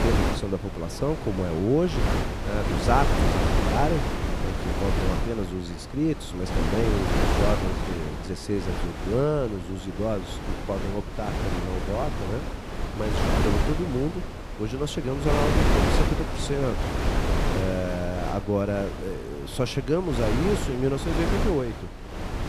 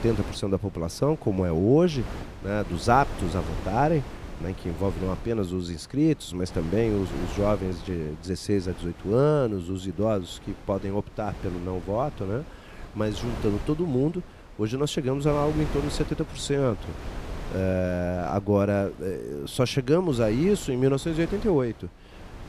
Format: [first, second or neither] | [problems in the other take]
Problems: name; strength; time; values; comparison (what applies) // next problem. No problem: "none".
second | wind noise on the microphone; heavy; 1 dB below the speech; occasional gusts in the second